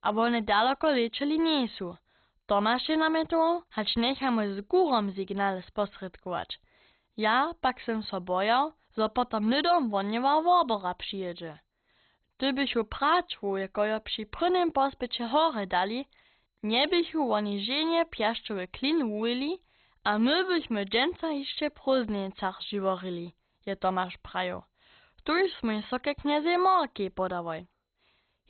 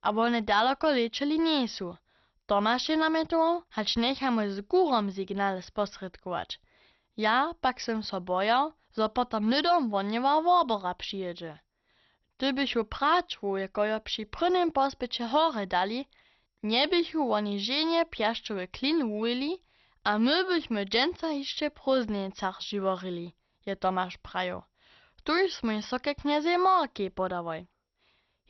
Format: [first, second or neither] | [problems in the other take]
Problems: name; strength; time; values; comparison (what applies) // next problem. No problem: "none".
second | garbled, watery; badly; nothing above 4 kHz; slightly in the second